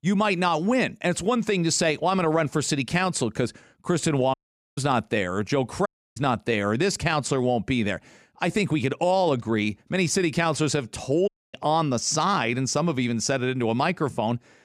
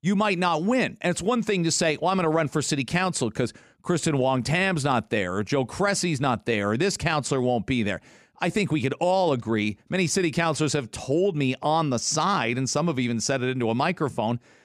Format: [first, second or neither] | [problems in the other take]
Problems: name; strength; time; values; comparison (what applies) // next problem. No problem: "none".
second | audio cutting out; at 4.5 s, at 6 s and at 11 s